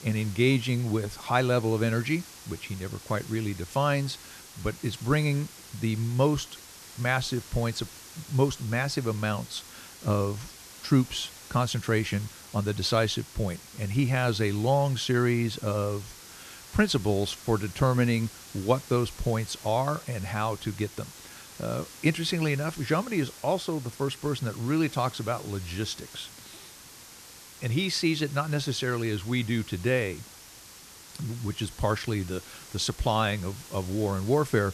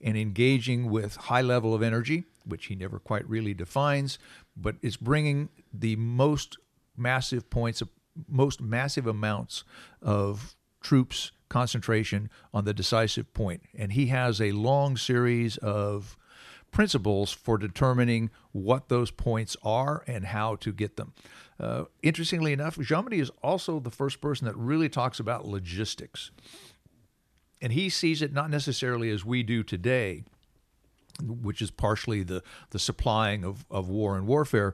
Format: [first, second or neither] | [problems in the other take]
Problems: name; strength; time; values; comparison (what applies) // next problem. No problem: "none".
second | hiss; noticeable; throughout; 15 dB below the speech